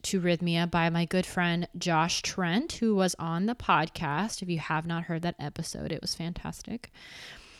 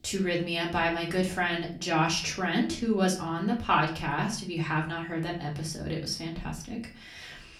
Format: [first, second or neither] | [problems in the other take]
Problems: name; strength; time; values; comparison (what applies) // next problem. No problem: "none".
first | room echo; slight; dies away in 0.4 s // off-mic speech; far